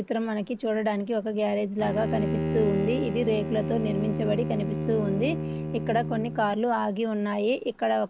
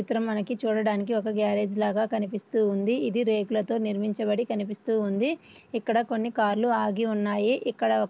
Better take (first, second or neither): second